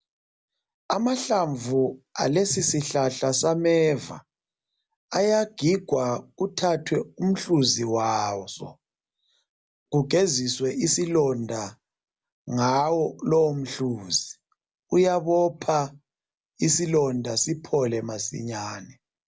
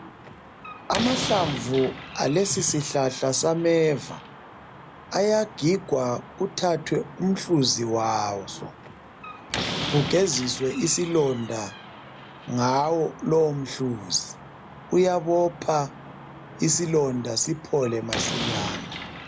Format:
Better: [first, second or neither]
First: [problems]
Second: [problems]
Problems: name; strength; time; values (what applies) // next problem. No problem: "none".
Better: first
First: none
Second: background sound (Slam); 11 dB below the speech